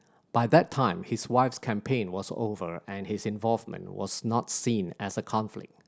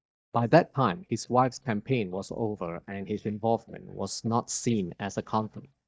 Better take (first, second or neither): first